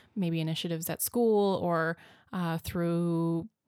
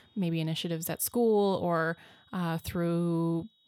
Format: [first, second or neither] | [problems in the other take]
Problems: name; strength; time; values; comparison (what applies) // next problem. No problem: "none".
first | high-pitched whine; faint; throughout; 4 kHz, 30 dB below the speech